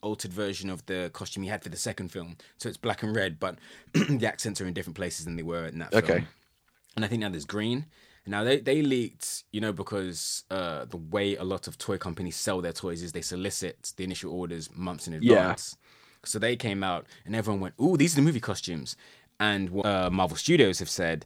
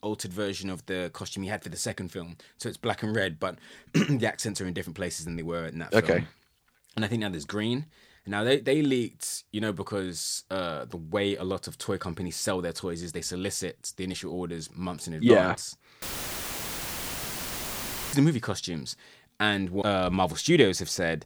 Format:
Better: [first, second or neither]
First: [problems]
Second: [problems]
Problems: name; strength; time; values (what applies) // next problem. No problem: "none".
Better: first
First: none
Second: audio cutting out; filled with static; at 16 s for 2 s